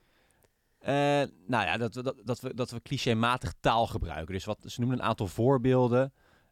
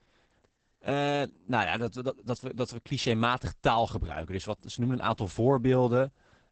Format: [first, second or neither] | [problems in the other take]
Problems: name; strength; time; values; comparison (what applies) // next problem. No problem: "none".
first | garbled, watery; badly; nothing above 8 kHz